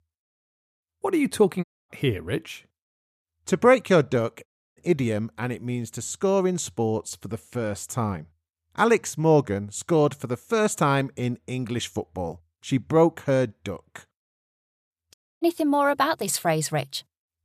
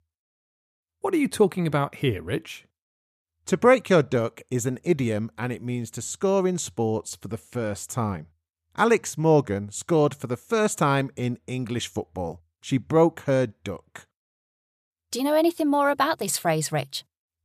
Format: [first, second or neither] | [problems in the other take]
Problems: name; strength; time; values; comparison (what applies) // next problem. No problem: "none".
second | audio cutting out; at 1.5 s, at 4.5 s and at 15 s